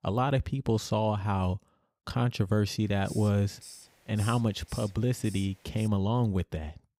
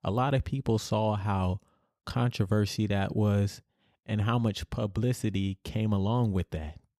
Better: second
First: hiss; noticeable; from 3 to 6 s; 20 dB below the speech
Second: none

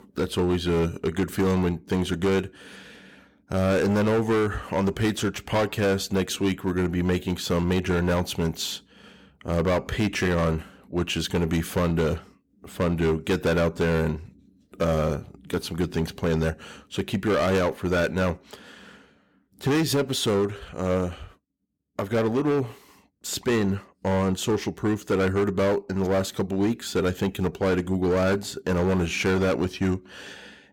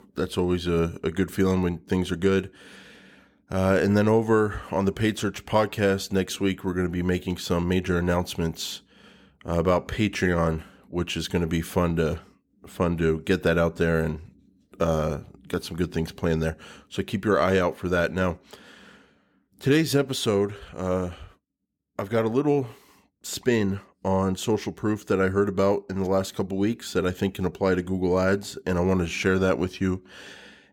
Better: second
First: distortion; slight; 11% of the sound clipped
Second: none

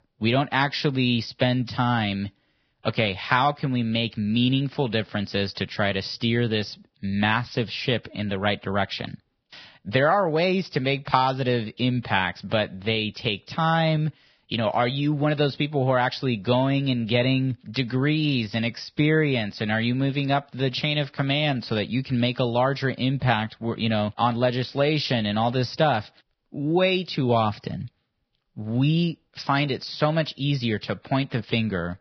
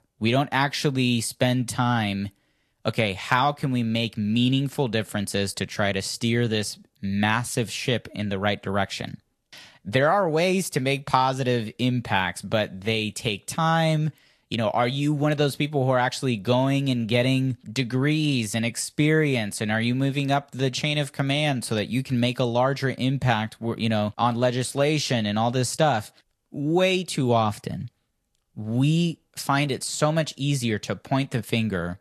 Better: second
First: garbled, watery; badly; nothing above 5.5 kHz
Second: garbled, watery; slightly; nothing above 12.5 kHz

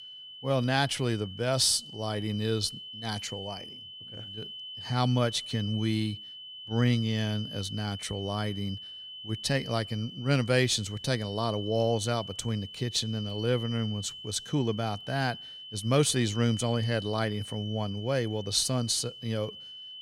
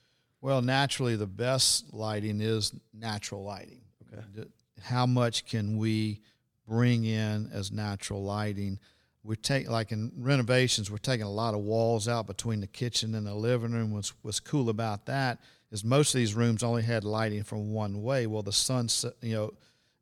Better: second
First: high-pitched whine; noticeable; throughout; 3 kHz, 10 dB below the speech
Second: none

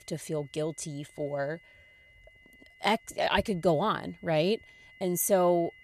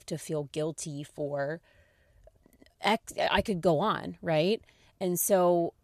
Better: second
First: high-pitched whine; faint; throughout; 2 kHz, 25 dB below the speech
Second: none

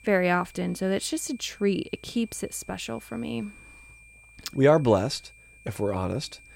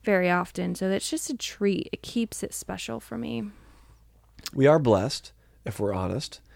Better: second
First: high-pitched whine; faint; throughout; 2.5 kHz, 25 dB below the speech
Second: none

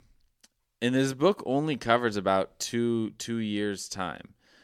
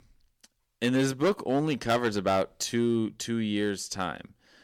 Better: first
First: none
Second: distortion; slight; 4% of the sound clipped

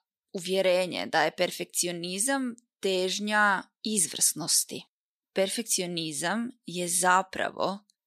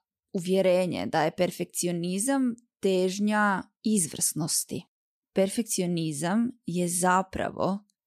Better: second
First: thin; very slightly; fading below 1 kHz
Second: none

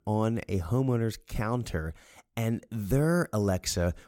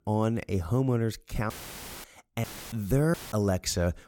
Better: first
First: none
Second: audio cutting out; filled with static; at 1.5 s for 0.5 s, at 2.5 s and at 3 s

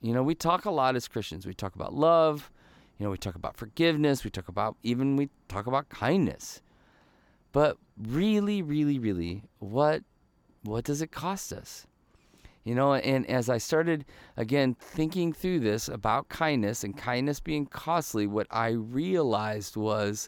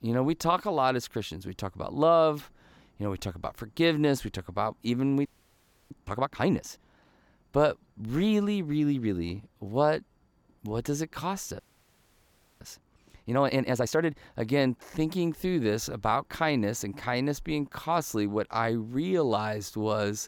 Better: first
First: none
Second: audio freezing; at 5.5 s for 0.5 s and at 12 s for 1 s

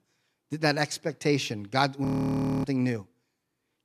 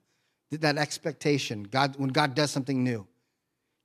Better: second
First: audio freezing; at 2 s for 0.5 s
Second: none

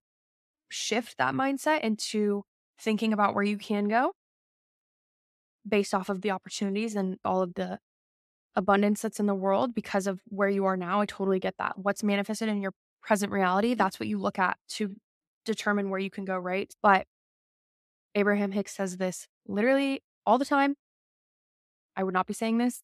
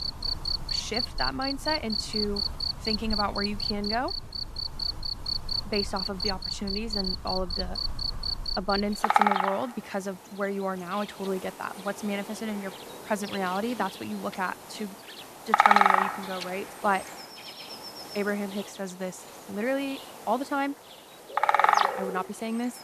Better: first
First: none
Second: animal sounds; very loud; throughout; 4 dB above the speech

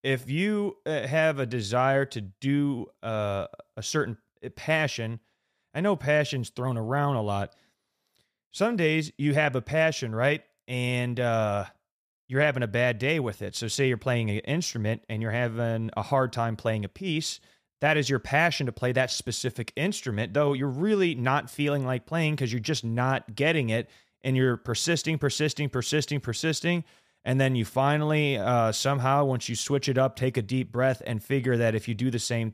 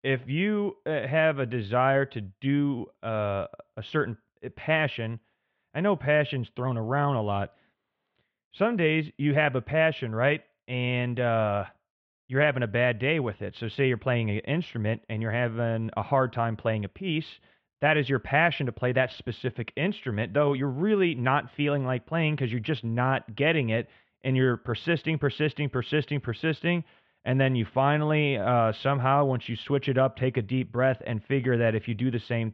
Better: first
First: none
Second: muffled; very; fading above 3 kHz

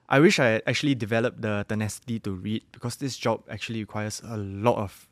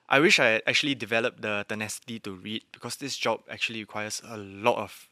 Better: first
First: none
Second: thin; very slightly; fading below 1 kHz

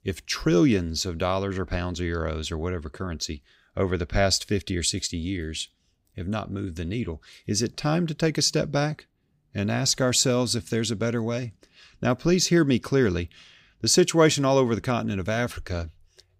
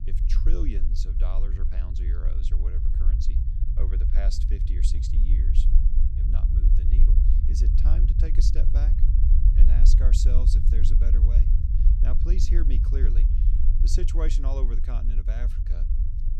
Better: first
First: none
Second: low rumble; loud; throughout; 2 dB below the speech

